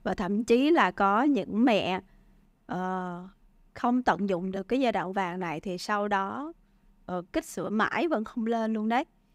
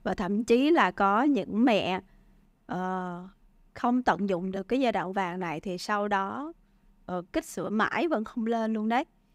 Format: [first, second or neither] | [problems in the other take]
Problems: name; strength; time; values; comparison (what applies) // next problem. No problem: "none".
neither | none